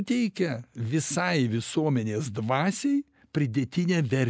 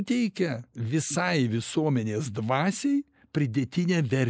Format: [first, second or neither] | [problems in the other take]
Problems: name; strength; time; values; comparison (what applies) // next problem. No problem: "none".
first | noise reduction (neural mask model Resemble Enhance denoiser)